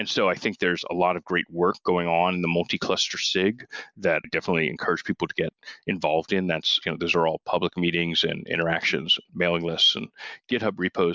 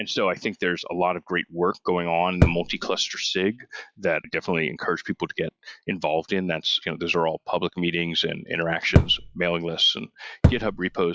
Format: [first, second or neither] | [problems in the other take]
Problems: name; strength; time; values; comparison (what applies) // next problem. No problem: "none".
first | noise reduction (classical method log-MMSE)